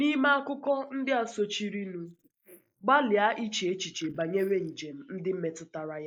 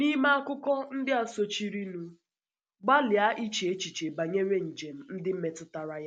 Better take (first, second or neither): second